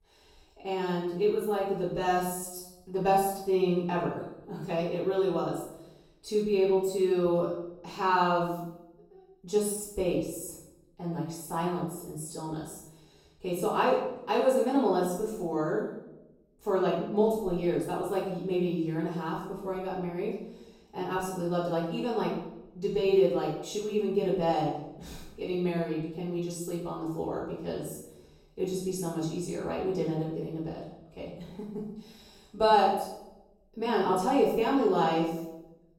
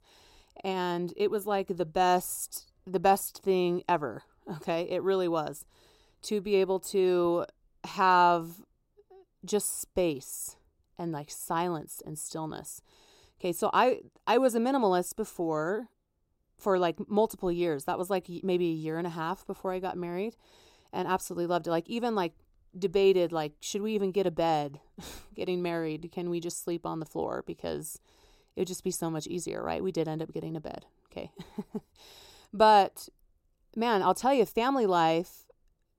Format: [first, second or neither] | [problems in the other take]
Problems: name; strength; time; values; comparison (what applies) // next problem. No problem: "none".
second | off-mic speech; far // room echo; noticeable; dies away in 0.7 s